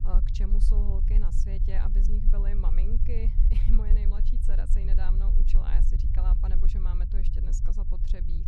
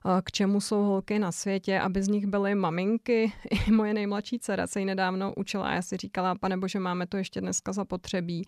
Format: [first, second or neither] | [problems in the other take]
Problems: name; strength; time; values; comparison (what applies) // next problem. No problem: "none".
second | low rumble; loud; throughout; 3 dB below the speech